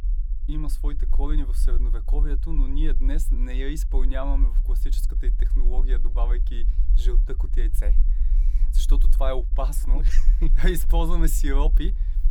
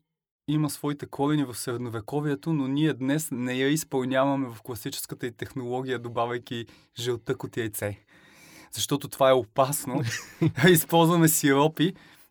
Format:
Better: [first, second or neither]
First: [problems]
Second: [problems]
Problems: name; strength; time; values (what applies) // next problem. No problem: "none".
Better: second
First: low rumble; noticeable; throughout; 15 dB below the speech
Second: none